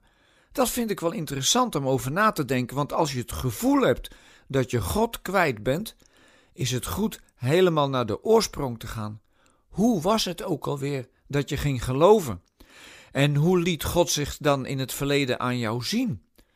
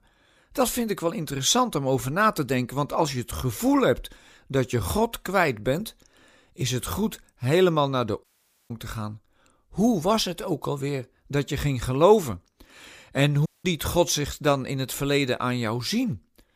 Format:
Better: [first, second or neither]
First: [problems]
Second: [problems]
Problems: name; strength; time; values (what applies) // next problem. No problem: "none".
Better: first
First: none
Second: audio cutting out; at 8 s and at 13 s